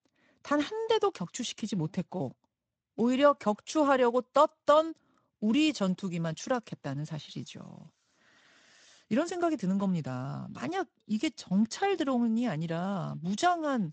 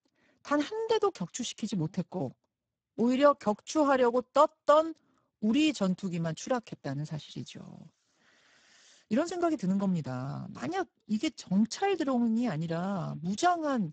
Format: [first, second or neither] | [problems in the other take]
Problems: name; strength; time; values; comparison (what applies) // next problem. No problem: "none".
first | garbled, watery; badly; nothing above 7.5 kHz; slightly in the first